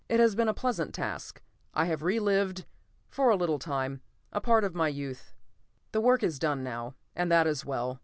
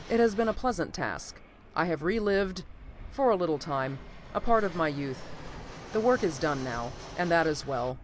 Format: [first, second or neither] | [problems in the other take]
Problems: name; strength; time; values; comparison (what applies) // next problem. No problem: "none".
first | background sound (Fixed-wing aircraft, airplane); 15 dB below the speech